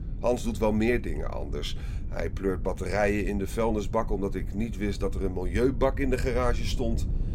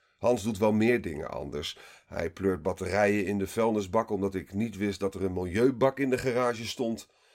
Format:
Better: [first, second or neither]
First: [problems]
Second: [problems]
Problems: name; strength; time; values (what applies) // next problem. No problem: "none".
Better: second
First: low rumble; noticeable; throughout; 20 dB below the speech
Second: none